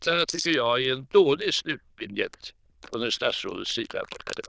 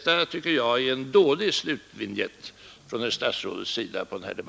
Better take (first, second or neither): second